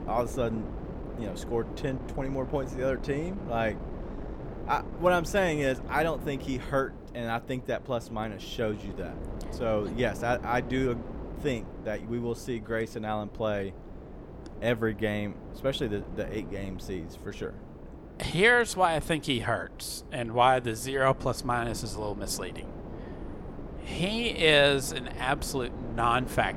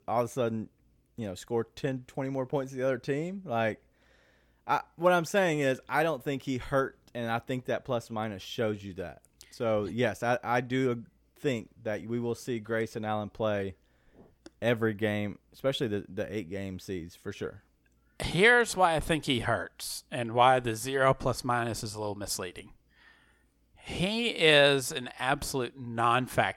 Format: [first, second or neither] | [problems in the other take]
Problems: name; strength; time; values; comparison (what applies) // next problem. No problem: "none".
second | wind noise on the microphone; occasional gusts; 15 dB below the speech